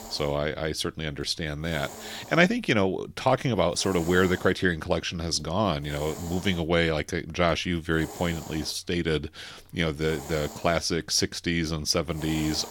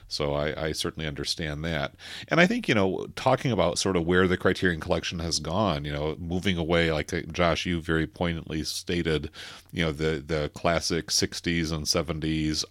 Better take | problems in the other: second | hiss; noticeable; throughout; 15 dB below the speech

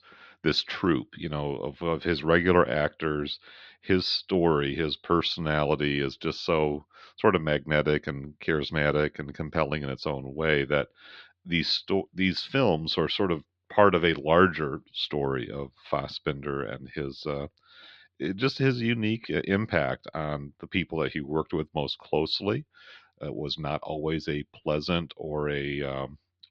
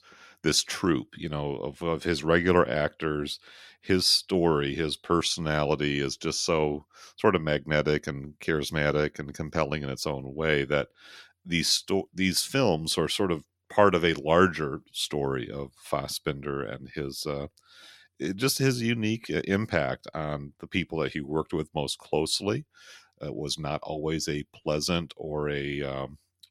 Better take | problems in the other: second | muffled; very slightly; fading above 4 kHz

